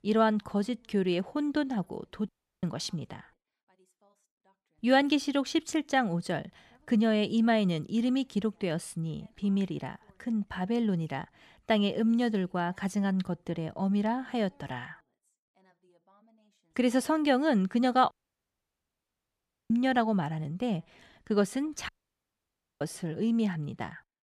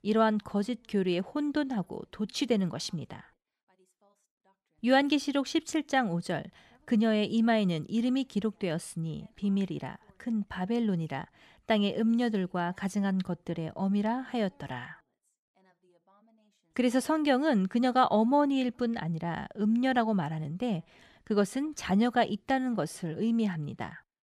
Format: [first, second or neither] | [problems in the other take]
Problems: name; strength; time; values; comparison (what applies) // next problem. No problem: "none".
second | audio cutting out; at 2.5 s, at 18 s for 1.5 s and at 22 s for 1 s